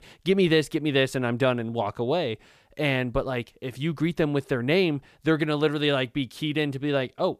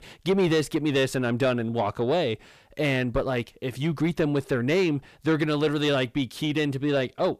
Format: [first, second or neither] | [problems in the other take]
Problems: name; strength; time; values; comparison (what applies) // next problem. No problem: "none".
first | distortion; slight; 10 dB below the speech